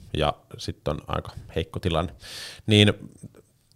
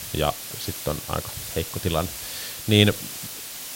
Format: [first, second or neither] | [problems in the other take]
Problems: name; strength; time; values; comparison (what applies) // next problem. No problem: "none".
first | hiss; loud; throughout; 7 dB below the speech